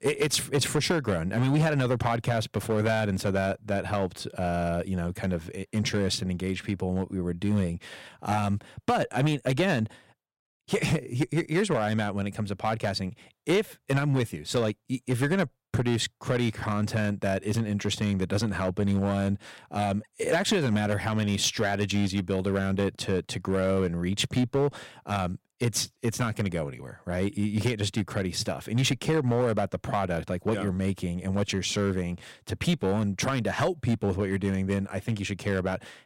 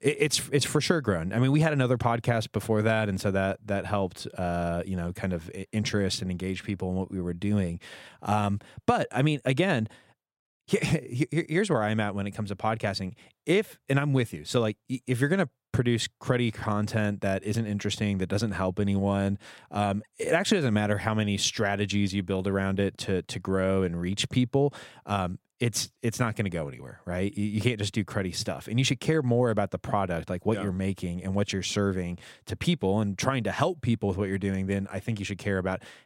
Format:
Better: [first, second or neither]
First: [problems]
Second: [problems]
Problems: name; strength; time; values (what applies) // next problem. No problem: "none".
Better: second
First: distortion; slight; 5% of the sound clipped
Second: none